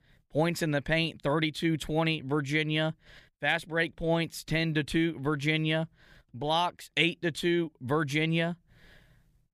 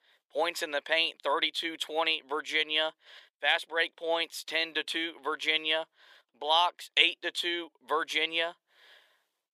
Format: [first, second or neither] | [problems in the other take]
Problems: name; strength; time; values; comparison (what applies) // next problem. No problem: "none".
first | thin; very; fading below 450 Hz